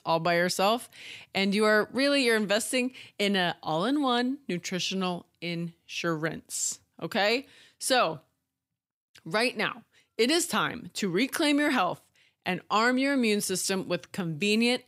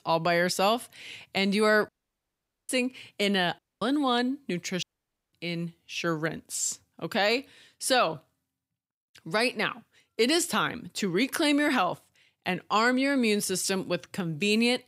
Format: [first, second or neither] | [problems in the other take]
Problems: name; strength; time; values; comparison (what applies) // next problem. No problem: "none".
first | audio cutting out; at 2 s for 1 s, at 3.5 s and at 5 s for 0.5 s